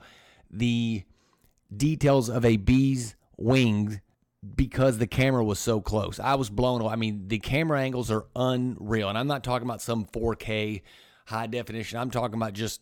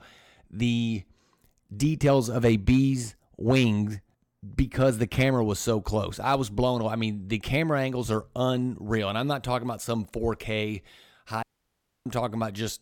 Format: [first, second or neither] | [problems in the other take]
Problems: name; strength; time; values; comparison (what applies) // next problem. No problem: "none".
first | audio cutting out; at 11 s for 0.5 s